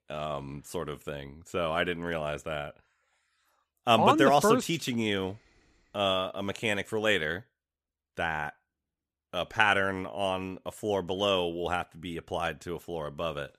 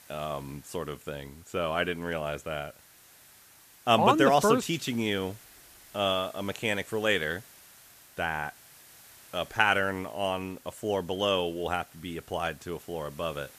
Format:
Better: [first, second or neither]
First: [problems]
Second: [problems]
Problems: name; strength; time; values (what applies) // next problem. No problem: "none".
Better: first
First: none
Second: hiss; faint; throughout; 25 dB below the speech